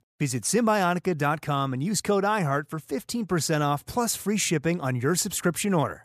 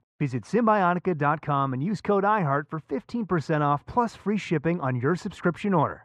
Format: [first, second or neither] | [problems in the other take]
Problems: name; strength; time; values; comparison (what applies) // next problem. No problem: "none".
first | muffled; very; fading above 2 kHz